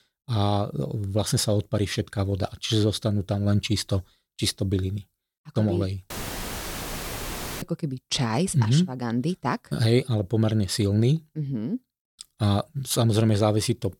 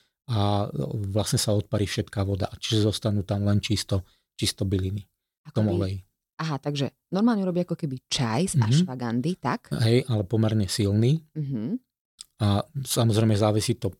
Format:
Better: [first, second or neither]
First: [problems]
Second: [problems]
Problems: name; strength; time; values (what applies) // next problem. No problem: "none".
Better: second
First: audio cutting out; filled with static; at 6 s for 1.5 s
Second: none